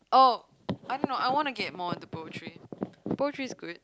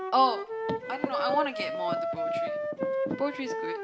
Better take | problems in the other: first | background sound (Wind instrument, woodwind instrument); 1 dB below the speech // room echo; dies away in 0.4 s

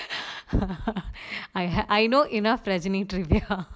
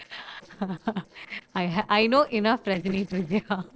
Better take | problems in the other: first | noise reduction (neural separator model SepFormer DNS4)

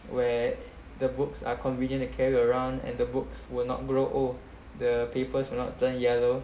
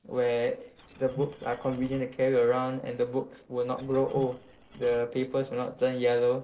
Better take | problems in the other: first | noise reduction (neural separator model SepFormer DNS4)

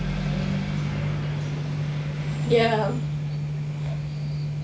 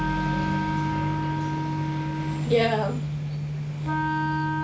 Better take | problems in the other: first | background sound (Wind instrument, woodwind instrument); 4 dB below the speech

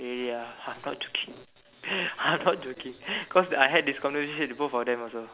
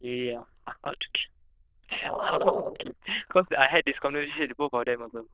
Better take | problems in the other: first | noise reduction (neural diffusion model UNIVERSE++)

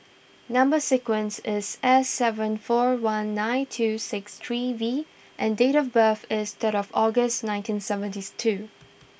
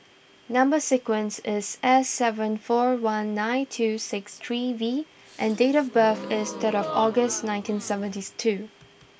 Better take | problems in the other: first | background sound (Gasp); 12 dB below the speech

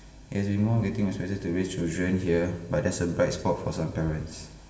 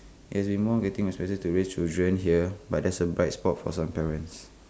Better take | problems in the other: second | room echo; dies away in 1.1 s

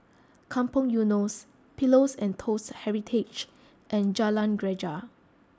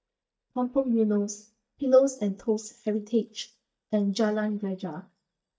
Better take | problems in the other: first | noise reduction (neural mask model DeepFilterNet 3)

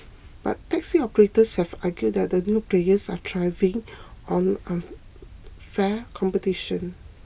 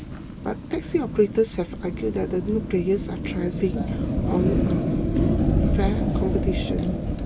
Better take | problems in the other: first | background sound (Fire); 2 dB above the speech

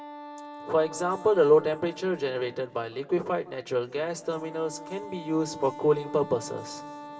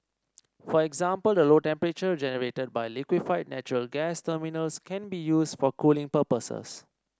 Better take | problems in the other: second | background sound (Wind instrument, woodwind instrument); 16 dB below the speech // room echo; dies away in 2.8 s

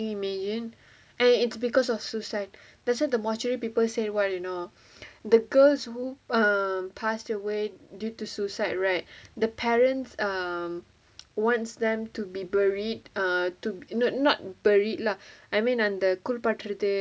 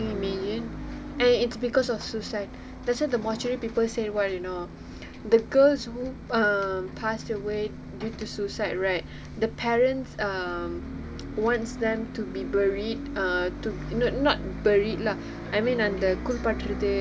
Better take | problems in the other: first | background sound (Bus); 9 dB below the speech

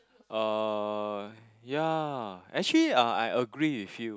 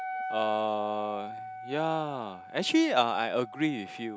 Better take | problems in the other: first | background sound (Wind instrument, woodwind instrument); 8 dB below the speech

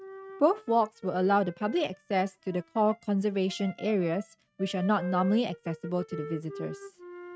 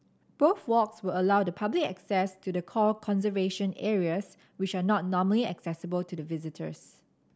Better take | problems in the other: second | noise reduction (neural mask model RNNoise)

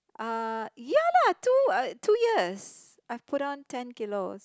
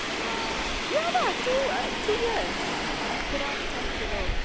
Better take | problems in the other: first | background sound (Subway, metro, underground); 2 dB above the speech

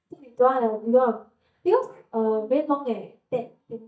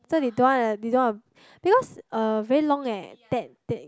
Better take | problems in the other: second | noise reduction (neural mask model DeepFilterNet 3)

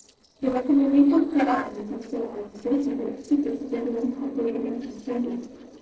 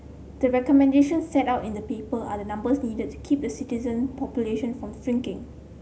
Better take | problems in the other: second | noise reduction (neural separator model SepFormer DNS4)

